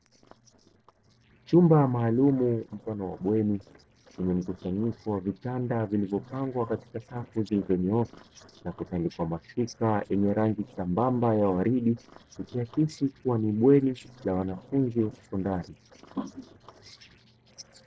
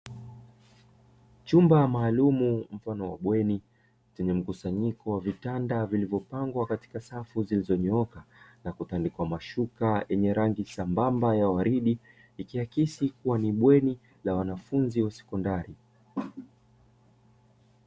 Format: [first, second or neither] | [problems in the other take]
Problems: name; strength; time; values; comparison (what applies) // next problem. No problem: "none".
second | noise reduction (neural separator model SepFormer DNS4)